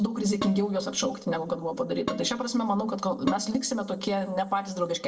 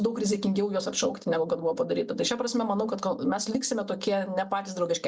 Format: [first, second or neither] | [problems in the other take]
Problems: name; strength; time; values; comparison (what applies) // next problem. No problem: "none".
second | background sound (Dishes, pots, and pans); 12 dB below the speech // room echo; dies away in 1.3 s